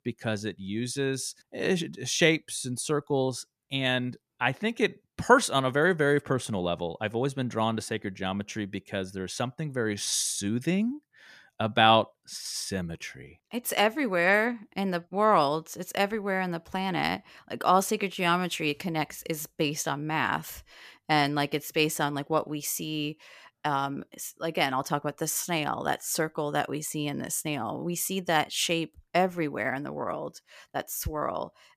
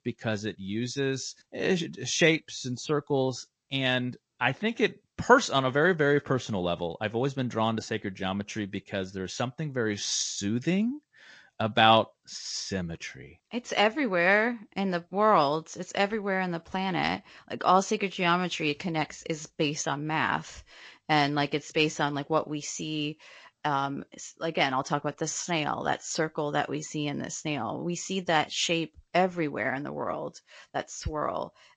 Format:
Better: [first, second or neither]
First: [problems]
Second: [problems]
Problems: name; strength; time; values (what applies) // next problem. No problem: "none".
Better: first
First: none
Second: garbled, watery; slightly